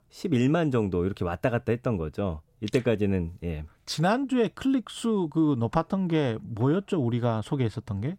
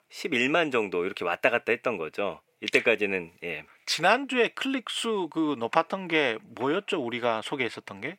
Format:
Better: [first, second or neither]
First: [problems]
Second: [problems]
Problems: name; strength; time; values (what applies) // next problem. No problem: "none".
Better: first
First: none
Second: thin; somewhat; fading below 450 Hz